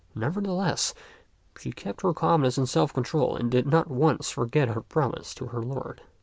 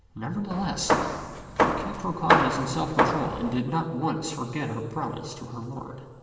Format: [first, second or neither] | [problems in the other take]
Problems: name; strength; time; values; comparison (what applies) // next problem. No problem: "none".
first | background sound (Hammer); 4 dB above the speech // room echo; dies away in 2.9 s